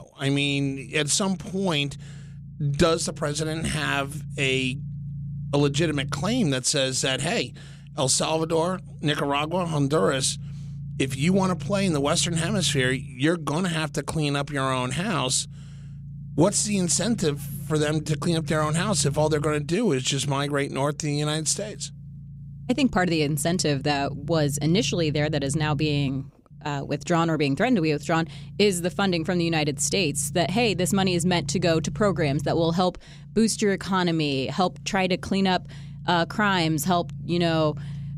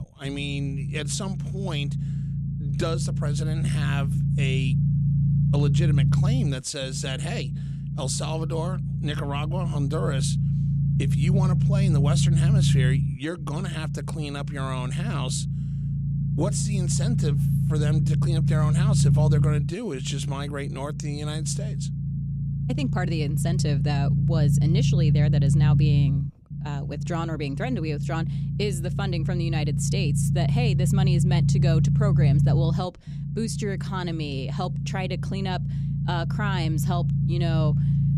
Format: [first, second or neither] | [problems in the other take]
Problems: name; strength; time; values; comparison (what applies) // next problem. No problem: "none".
first | low rumble; loud; throughout; 2 dB below the speech; faint in the first